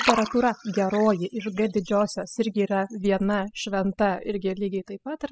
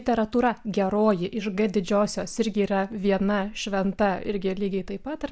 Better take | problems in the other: second | noise reduction (classical method spectral subtraction)

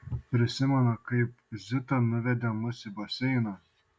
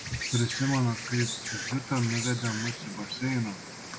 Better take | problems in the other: first | background sound (Insect); 6 dB below the speech

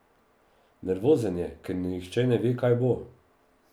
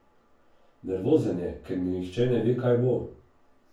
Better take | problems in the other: first | room echo; dies away in 0.3 s

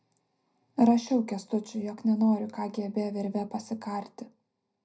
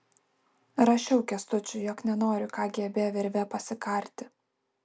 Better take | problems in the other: second | room echo; dies away in 0.3 s

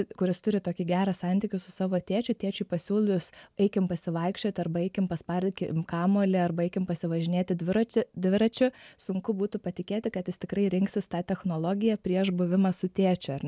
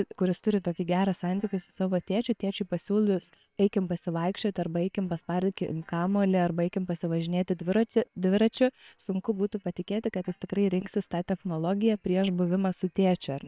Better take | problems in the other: first | noise reduction (neural separator model SepFormer WHAM!)

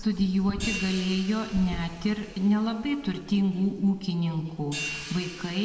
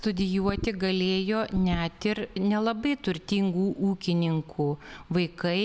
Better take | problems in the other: second | background sound (Hi-hat); 14 dB below the speech // room echo; dies away in 1.8 s

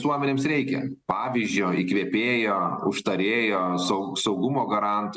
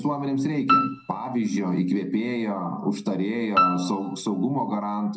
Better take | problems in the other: first | background sound (Piano); 2 dB below the speech // room echo; dies away in 0.2 s

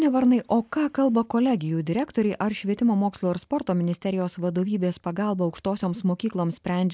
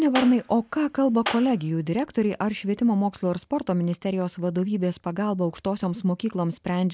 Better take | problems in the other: first | background sound (Clapping); 11 dB below the speech

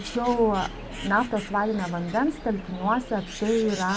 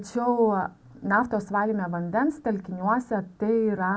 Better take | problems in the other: second | background sound (Bird); 13 dB below the speech

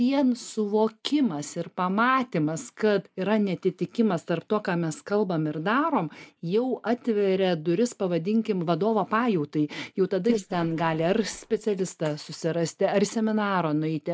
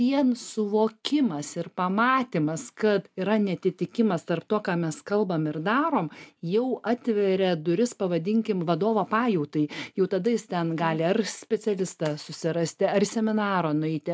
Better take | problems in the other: second | noise reduction (neural mask model Resemble Enhance denoiser)

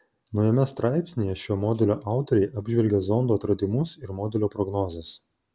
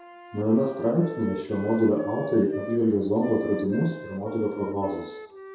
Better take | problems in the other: first | background sound (Wind instrument, woodwind instrument); 13 dB below the speech // room echo; dies away in 0.7 s

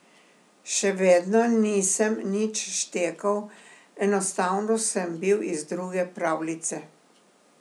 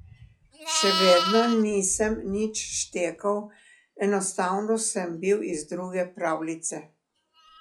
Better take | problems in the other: first | noise reduction (classical method log-MMSE)

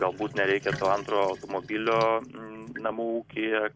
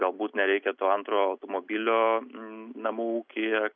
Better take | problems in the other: second | background sound (Sink (filling or washing)); 14 dB below the speech

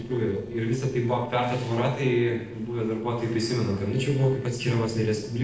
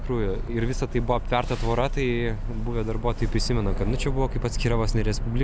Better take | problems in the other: second | noise reduction (neural separator model SepFormer DNS4)

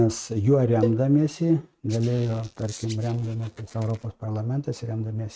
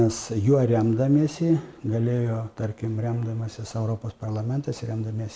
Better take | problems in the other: second | noise reduction (neural mask model RNNoise)

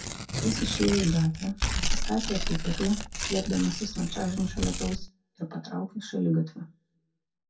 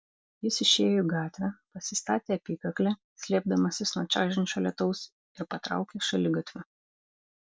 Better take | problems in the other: second | background sound (Tearing); 3 dB below the speech // room echo; dies away in 0.3 s

